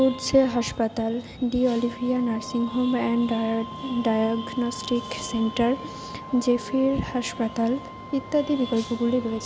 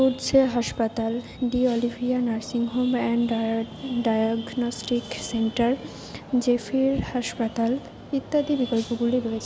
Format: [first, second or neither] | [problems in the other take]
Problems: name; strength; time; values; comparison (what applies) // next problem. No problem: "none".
second | background sound (Wind instrument, woodwind instrument); 16 dB below the speech